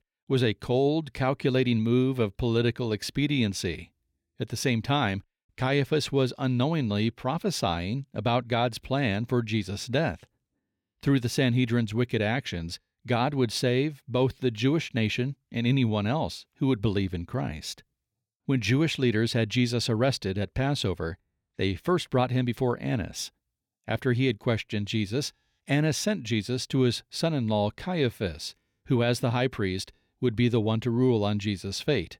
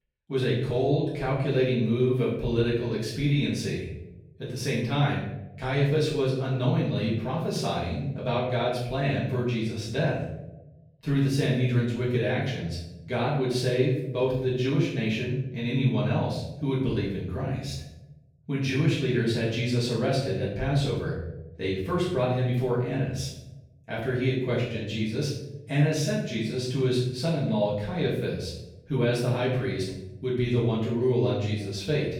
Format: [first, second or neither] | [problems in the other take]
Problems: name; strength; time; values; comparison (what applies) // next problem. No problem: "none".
first | off-mic speech; far // room echo; noticeable; dies away in 0.9 s